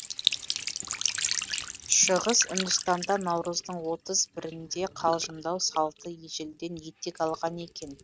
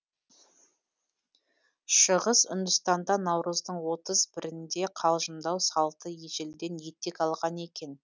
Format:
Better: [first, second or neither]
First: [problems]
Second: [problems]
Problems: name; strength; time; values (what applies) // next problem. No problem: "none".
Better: second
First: noise reduction (neural mask model RNNoise)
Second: none